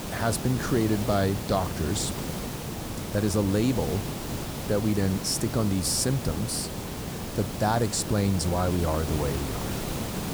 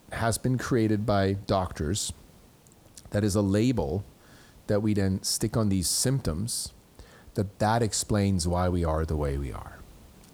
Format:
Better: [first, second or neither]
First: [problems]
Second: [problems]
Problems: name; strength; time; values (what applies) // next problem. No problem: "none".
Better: second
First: hiss; loud; throughout; 6 dB below the speech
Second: hiss; faint; throughout; 30 dB below the speech